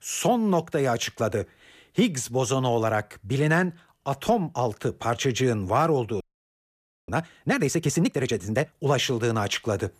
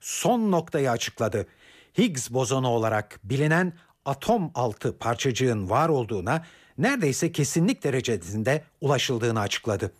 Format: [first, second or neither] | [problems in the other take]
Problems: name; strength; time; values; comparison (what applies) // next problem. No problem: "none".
second | audio freezing; at 6 s for 1 s